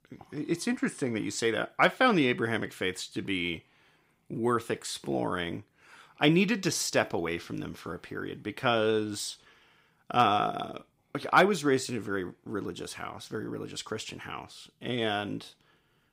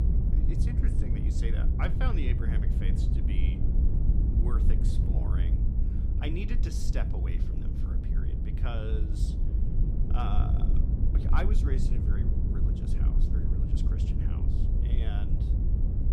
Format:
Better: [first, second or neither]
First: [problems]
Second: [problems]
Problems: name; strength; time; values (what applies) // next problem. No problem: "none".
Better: first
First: none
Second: low rumble; loud; throughout; 1 dB below the speech